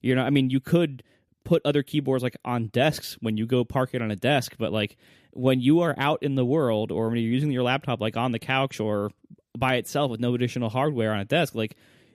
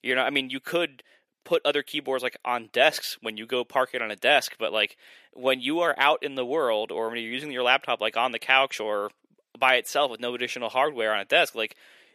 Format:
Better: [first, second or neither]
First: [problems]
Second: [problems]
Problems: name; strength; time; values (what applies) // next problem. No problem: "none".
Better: first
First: none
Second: thin; very; fading below 600 Hz